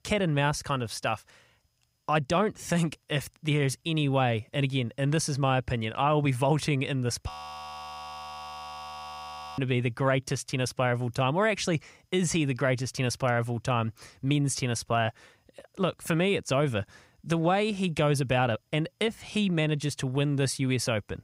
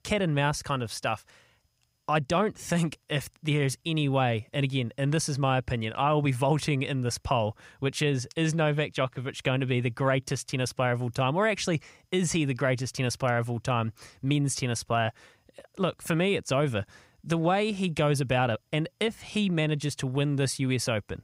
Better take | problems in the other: second | audio freezing; at 7.5 s for 2.5 s

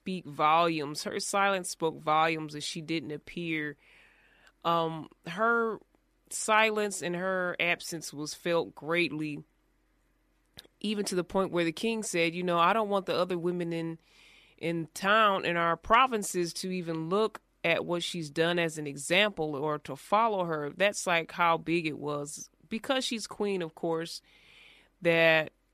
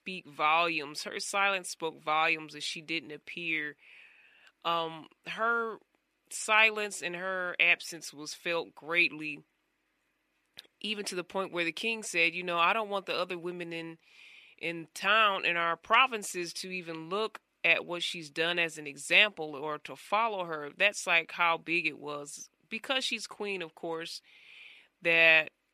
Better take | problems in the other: first | thin; very slightly; fading below 600 Hz

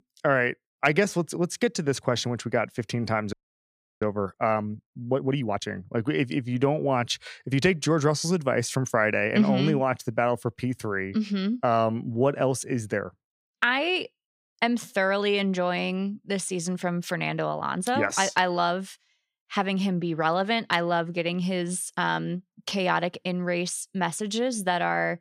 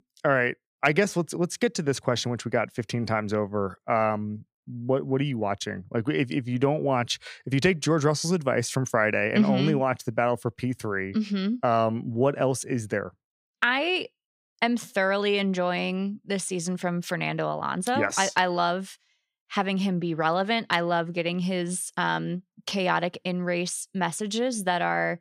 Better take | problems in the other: second | audio freezing; at 3.5 s for 0.5 s

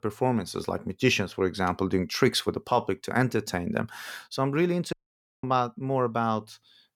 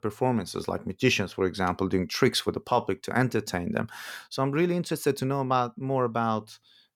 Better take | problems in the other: second | audio cutting out; at 5 s for 0.5 s

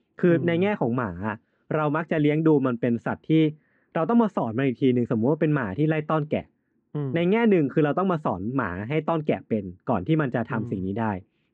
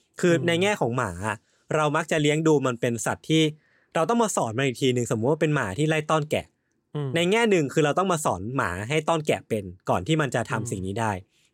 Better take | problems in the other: second | muffled; very; fading above 2.5 kHz

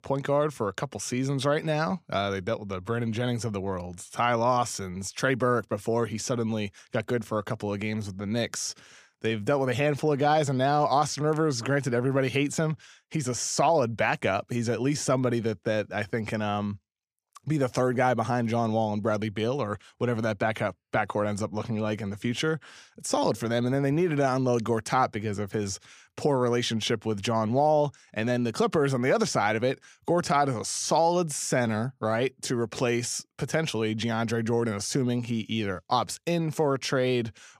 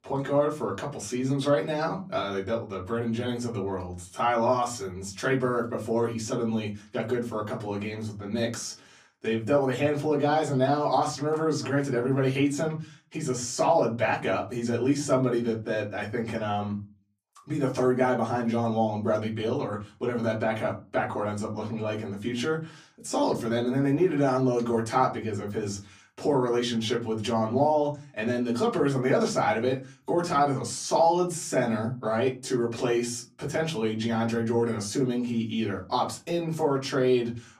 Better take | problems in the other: first | off-mic speech; far // room echo; very slight; dies away in 0.3 s

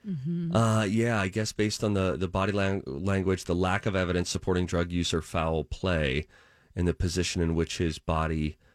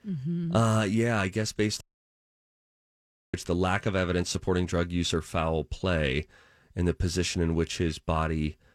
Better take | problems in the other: first | audio cutting out; at 2 s for 1.5 s

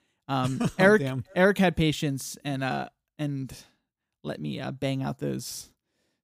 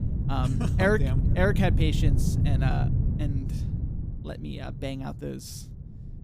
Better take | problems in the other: first | wind noise on the microphone; heavy; 7 dB below the speech

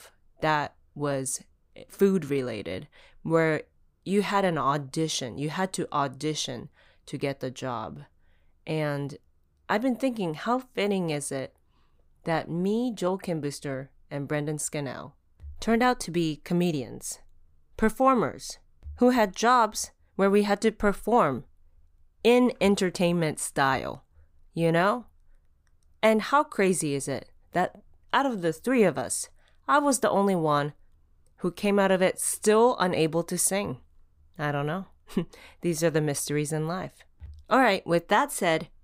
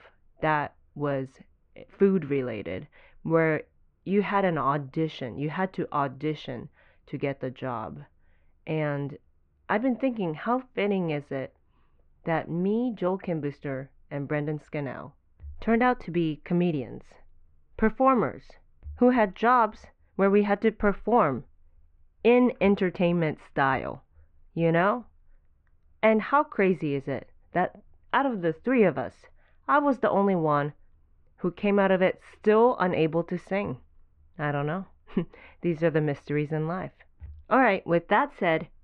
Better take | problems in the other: first | muffled; very; fading above 2.5 kHz

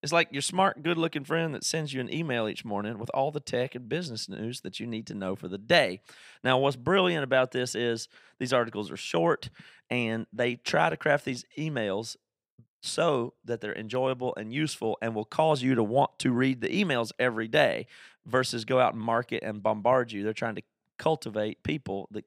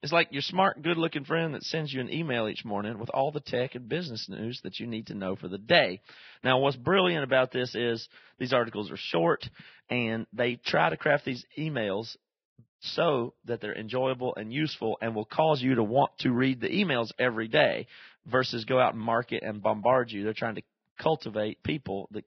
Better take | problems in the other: first | garbled, watery; badly; nothing above 5.5 kHz

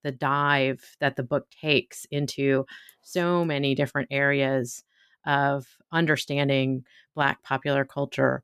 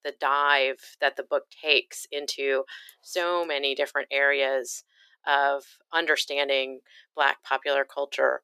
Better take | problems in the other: first | thin; very; fading below 400 Hz

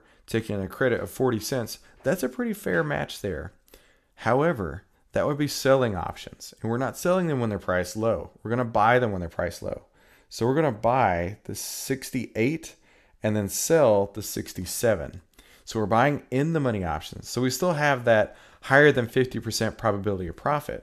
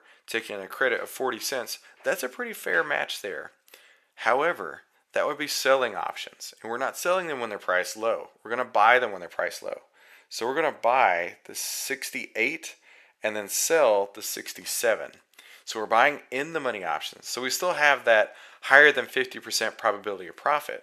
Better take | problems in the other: first | thin; very; fading below 550 Hz

